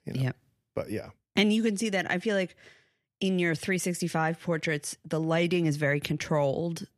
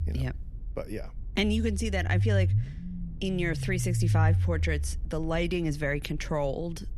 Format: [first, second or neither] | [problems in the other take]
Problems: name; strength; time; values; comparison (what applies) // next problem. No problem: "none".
first | low rumble; noticeable; throughout; 10 dB below the speech